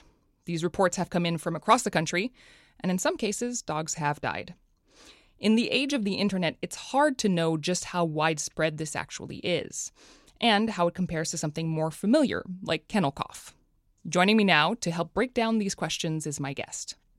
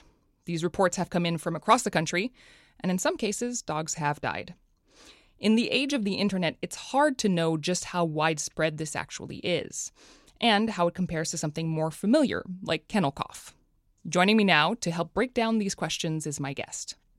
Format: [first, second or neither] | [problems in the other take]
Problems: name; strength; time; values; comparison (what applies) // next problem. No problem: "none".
neither | none